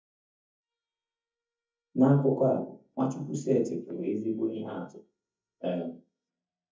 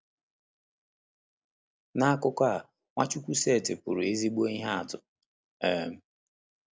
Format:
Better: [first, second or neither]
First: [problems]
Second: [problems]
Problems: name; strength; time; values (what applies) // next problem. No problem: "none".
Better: second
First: noise reduction (neural mask model DeepFilterNet 3)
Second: none